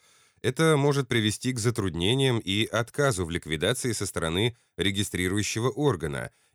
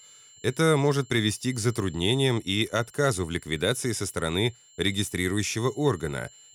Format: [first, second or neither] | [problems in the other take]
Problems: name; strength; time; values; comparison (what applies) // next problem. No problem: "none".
first | high-pitched whine; faint; throughout; 7.5 kHz, 25 dB below the speech